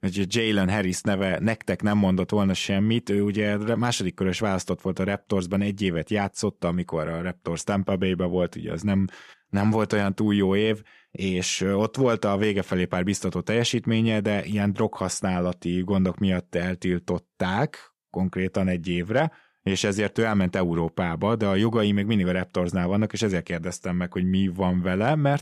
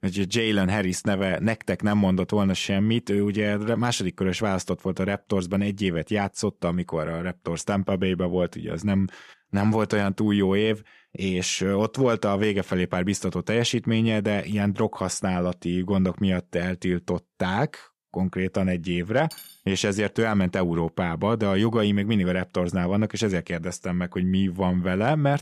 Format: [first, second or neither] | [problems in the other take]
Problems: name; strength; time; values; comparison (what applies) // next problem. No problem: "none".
first | clattering dishes; faint; at 19 s; peak 15 dB below the speech